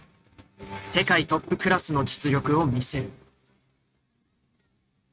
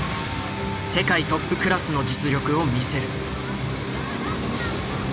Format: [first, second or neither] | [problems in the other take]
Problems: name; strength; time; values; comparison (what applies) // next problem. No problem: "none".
second | noise reduction (neural mask model RNNoise)